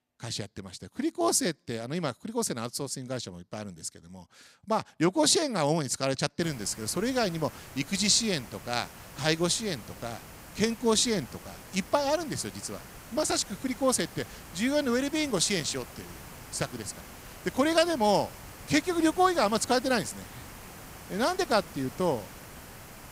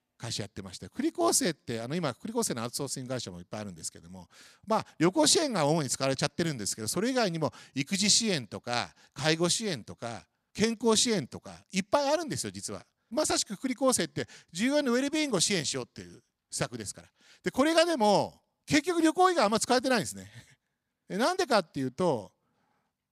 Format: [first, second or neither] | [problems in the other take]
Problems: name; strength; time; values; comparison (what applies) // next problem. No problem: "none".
second | hiss; noticeable; from 6.5 s on; 15 dB below the speech